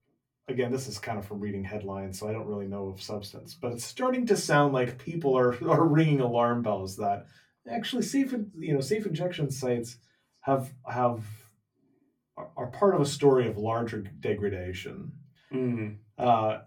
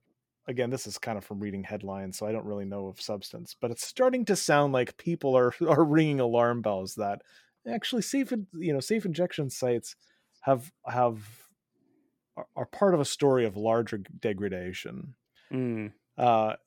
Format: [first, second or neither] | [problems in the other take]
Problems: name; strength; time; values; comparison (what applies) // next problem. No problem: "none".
second | off-mic speech; far // room echo; very slight; dies away in 0.2 s